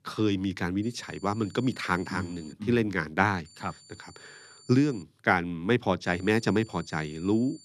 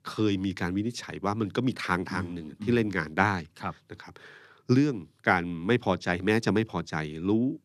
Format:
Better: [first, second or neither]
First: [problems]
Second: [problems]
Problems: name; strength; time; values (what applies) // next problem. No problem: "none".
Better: second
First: high-pitched whine; faint; from 1 to 2.5 s, from 3.5 to 5 s and from 6 s on; 4.5 kHz, 25 dB below the speech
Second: none